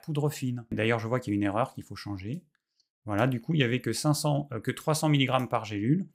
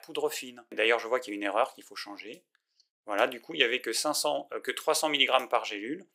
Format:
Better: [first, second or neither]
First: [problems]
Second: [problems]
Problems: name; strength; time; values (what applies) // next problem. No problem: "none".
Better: first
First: none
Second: thin; very; fading below 400 Hz